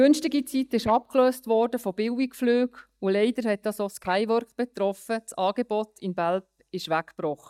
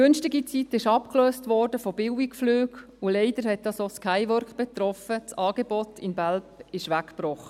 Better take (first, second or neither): second